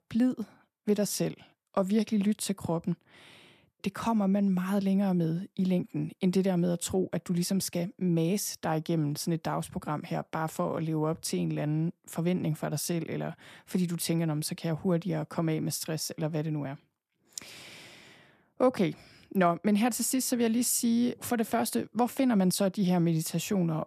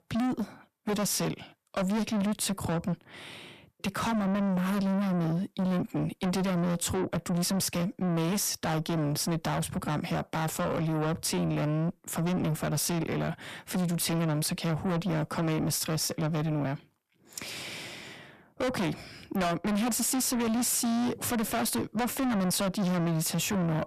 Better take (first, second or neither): first